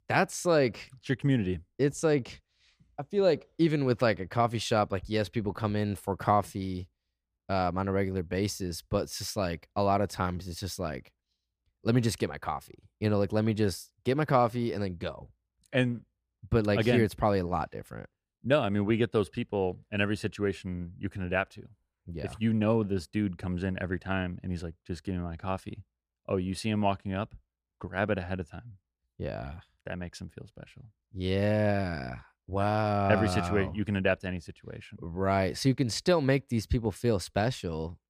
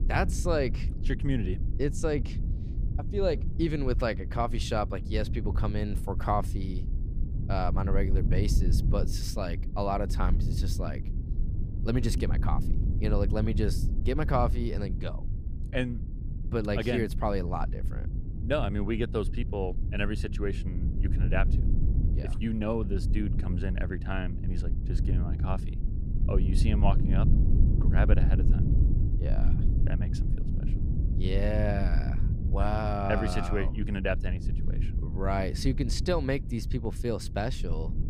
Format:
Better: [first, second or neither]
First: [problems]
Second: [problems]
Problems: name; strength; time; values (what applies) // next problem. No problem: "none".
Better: first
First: none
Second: low rumble; noticeable; throughout; 10 dB below the speech